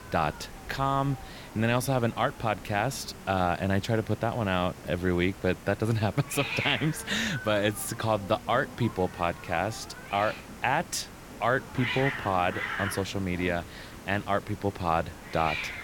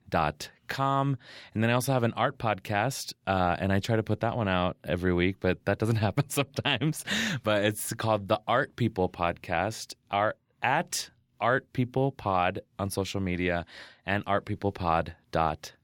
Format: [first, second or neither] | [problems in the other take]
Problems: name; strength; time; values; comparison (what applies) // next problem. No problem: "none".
second | hiss; loud; throughout; 10 dB below the speech